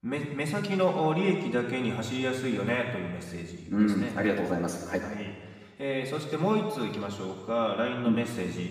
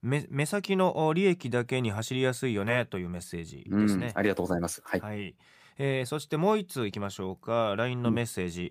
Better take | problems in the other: second | room echo; noticeable; dies away in 1.5 s // off-mic speech; far

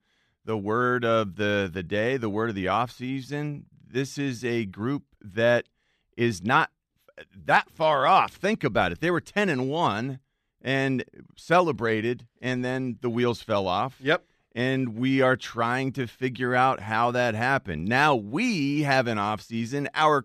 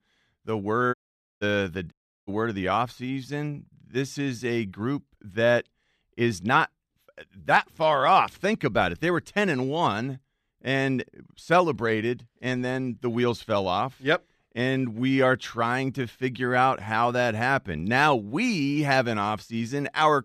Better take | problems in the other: first | audio cutting out; at 1 s and at 2 s

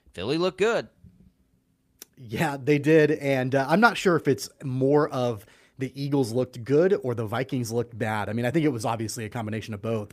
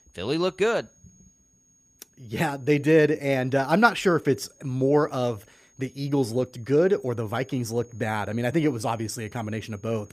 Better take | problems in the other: first | high-pitched whine; faint; throughout; 6.5 kHz, 30 dB below the speech

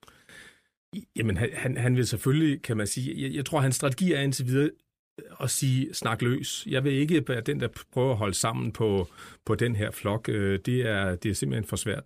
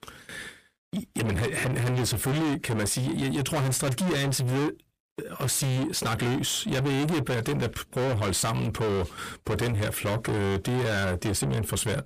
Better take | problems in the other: first | distortion; heavy; 6 dB below the speech

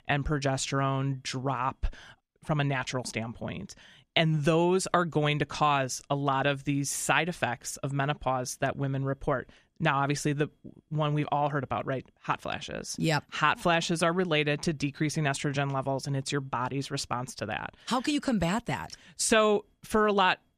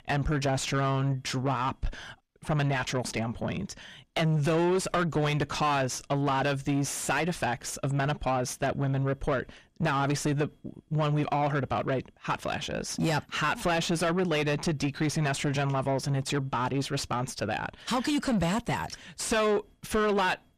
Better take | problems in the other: first | distortion; heavy; 7 dB below the speech

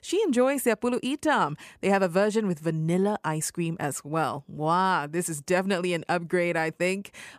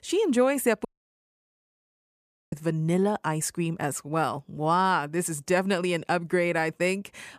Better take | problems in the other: first | audio cutting out; at 1 s for 1.5 s

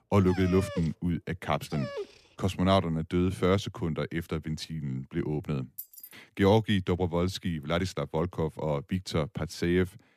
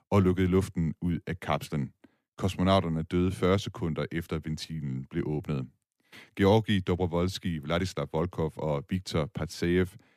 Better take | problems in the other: second | dog barking; noticeable; until 2 s; peak 9 dB below the speech // jangling keys; faint; at 6 s; peak 15 dB below the speech

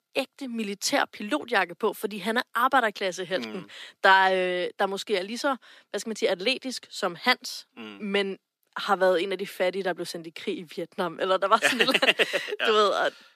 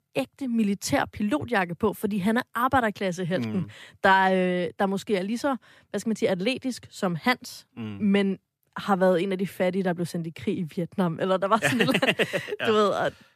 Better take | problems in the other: second | thin; somewhat; fading below 300 Hz

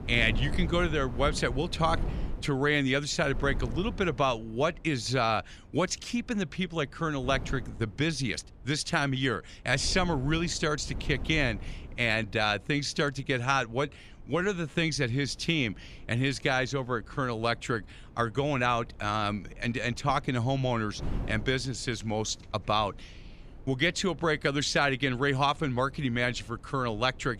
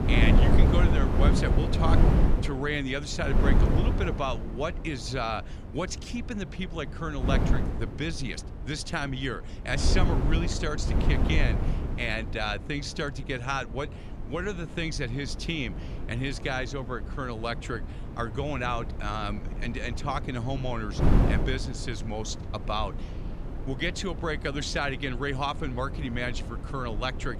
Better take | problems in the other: first | wind noise on the microphone; heavy; 5 dB below the speech; occasional gusts in the first

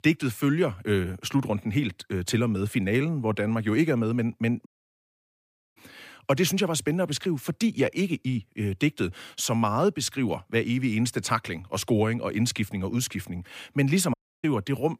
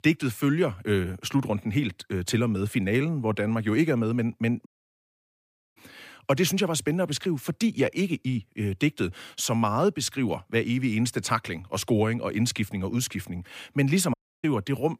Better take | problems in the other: neither | audio cutting out; at 4.5 s for 1 s and at 14 s; the same in both

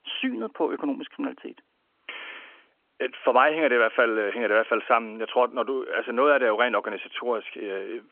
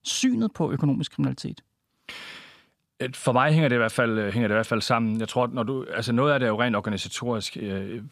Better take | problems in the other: second | phone-call audio; nothing above 3.5 kHz

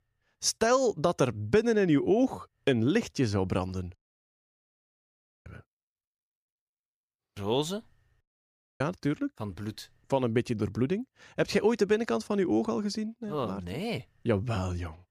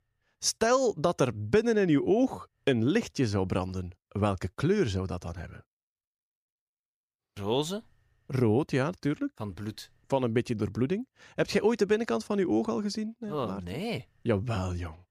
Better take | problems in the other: second | audio cutting out; at 4 s for 1.5 s and at 8 s for 0.5 s

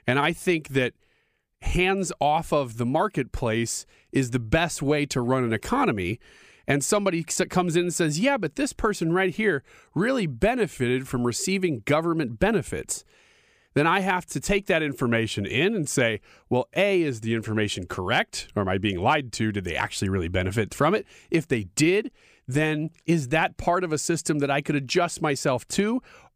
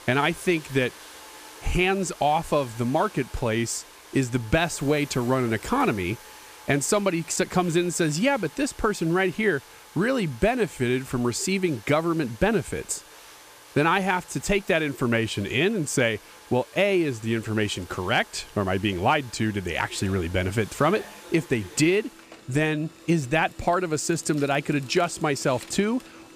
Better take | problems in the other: first | household noises; noticeable; throughout; 20 dB below the speech

